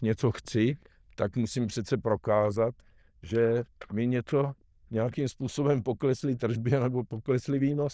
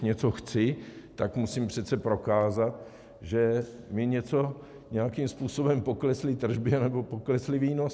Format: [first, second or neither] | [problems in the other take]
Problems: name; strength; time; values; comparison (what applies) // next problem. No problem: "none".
second | noise reduction (neural diffusion model UNIVERSE++)